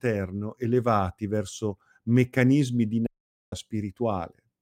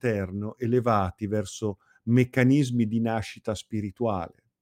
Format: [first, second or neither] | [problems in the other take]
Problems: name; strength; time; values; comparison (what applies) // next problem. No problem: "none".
second | audio cutting out; at 3 s